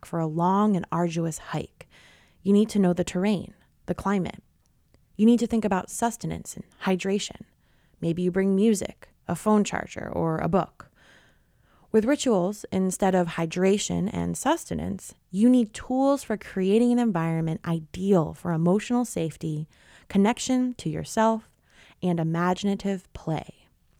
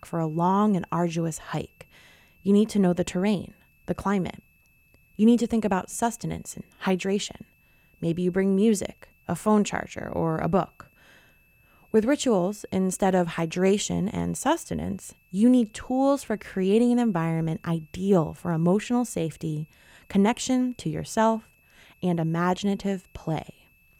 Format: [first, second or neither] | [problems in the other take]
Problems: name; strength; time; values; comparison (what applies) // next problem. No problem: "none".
first | high-pitched whine; faint; throughout; 2.5 kHz, 35 dB below the speech